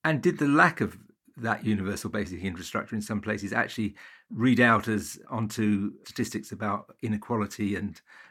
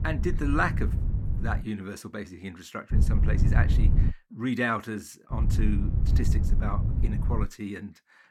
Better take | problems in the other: first | low rumble; loud; until 1.5 s, from 3 to 4 s and from 5.5 to 7.5 s; 8 dB below the speech

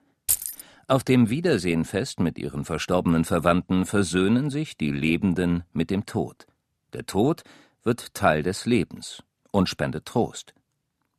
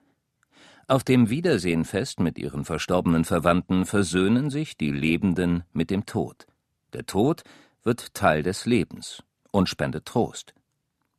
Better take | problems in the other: second | jangling keys; loud; at 0.5 s; peak 1 dB above the speech

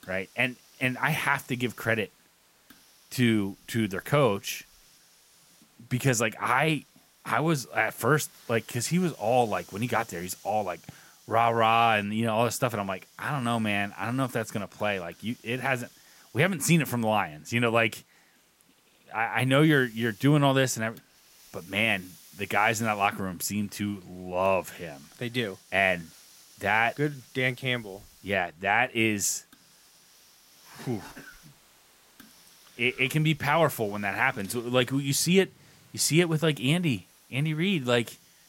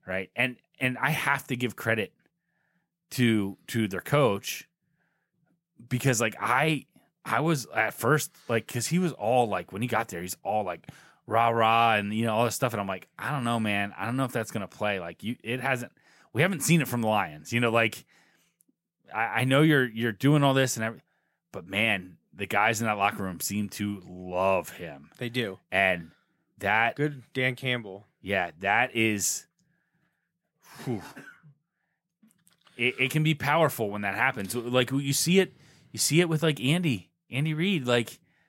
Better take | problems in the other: second | hiss; faint; throughout; 25 dB below the speech

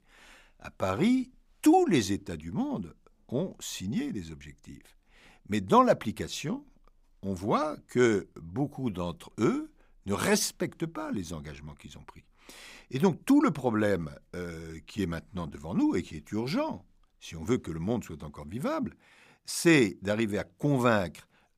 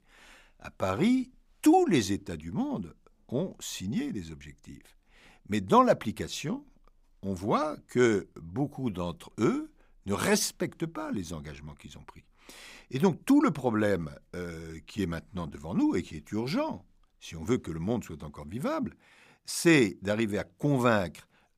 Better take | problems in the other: neither | none

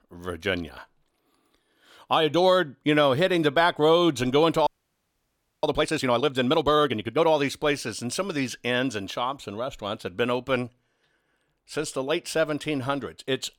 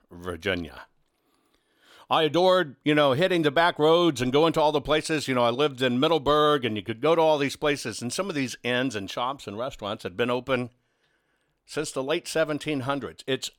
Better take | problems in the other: second | audio freezing; at 4.5 s for 1 s

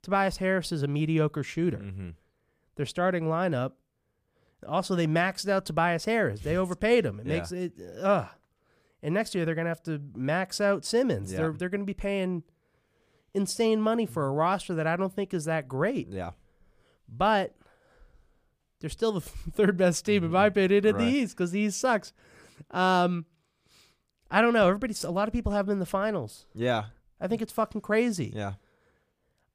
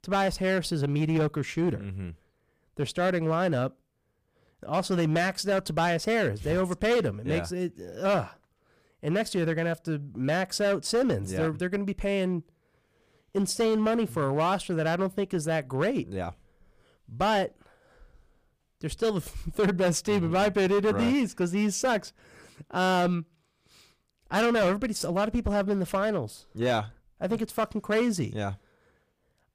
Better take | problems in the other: first | distortion; slight; 7% of the sound clipped

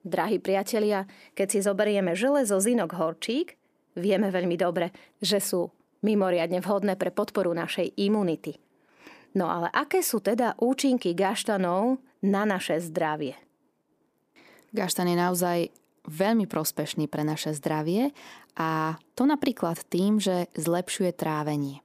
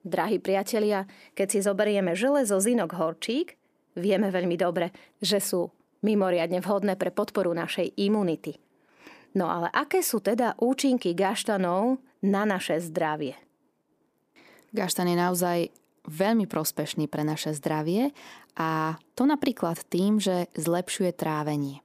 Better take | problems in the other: neither | none

